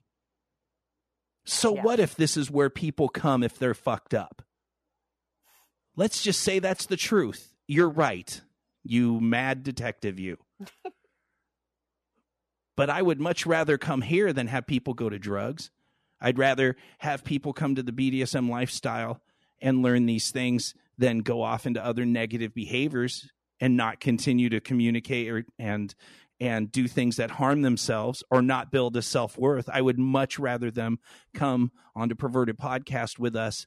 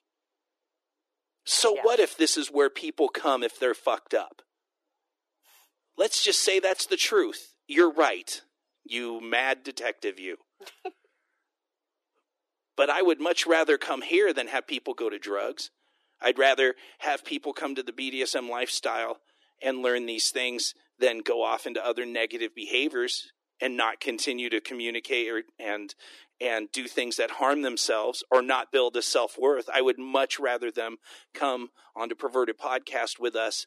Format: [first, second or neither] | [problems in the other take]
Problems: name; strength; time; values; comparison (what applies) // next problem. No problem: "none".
first | thin; very; fading below 300 Hz